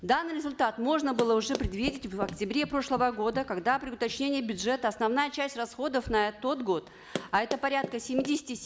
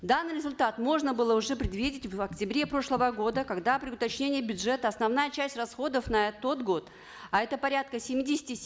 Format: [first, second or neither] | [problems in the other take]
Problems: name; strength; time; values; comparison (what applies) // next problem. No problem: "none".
second | background sound (Run); 9 dB below the speech